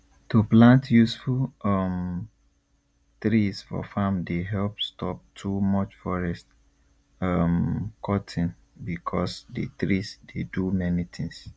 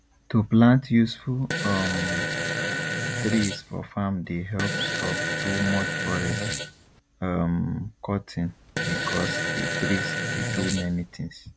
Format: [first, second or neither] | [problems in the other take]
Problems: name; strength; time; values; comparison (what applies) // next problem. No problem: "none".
first | background sound (Fart); 2 dB below the speech